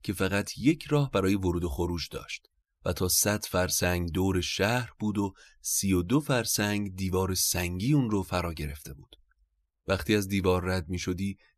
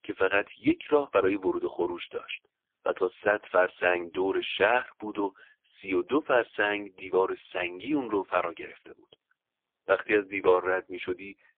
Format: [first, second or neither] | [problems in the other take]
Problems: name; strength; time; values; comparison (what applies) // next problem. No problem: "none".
first | phone-call audio; poor line; nothing above 3 kHz